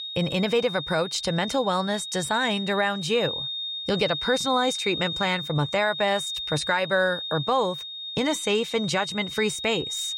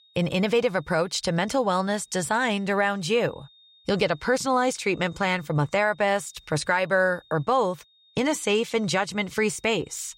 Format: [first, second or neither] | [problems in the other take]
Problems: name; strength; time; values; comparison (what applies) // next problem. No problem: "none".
second | high-pitched whine; loud; throughout; 3.5 kHz, 5 dB below the speech; faint in the second